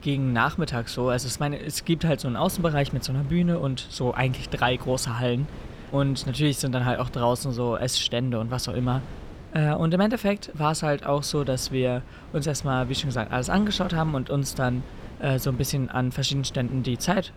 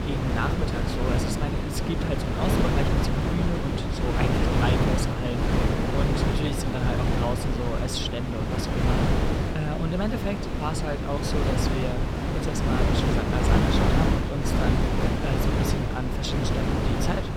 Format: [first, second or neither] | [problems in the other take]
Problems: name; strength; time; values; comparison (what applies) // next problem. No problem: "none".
first | wind noise on the microphone; heavy; 3 dB above the speech; occasional gusts in the first